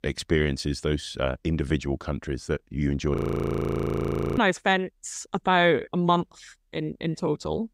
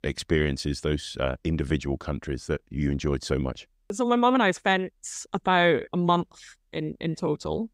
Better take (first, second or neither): second